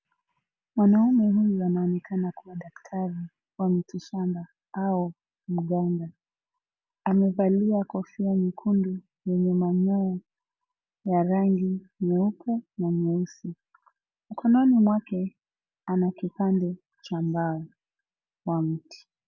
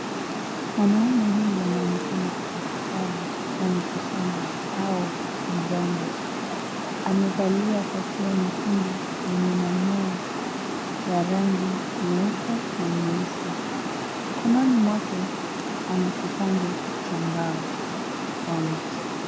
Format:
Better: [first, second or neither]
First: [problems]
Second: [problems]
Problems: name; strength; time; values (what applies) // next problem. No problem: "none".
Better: first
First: none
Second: background sound (Water); 3 dB below the speech